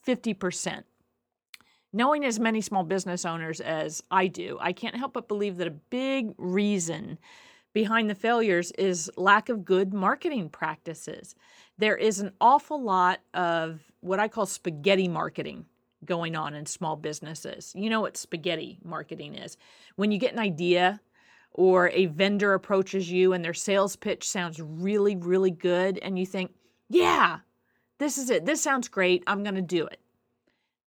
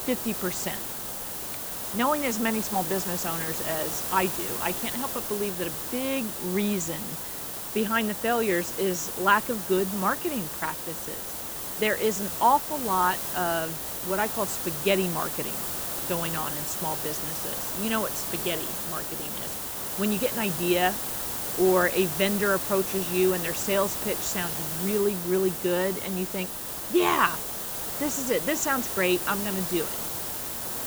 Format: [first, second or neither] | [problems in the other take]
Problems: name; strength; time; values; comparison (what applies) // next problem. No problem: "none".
first | hiss; loud; throughout; 2 dB below the speech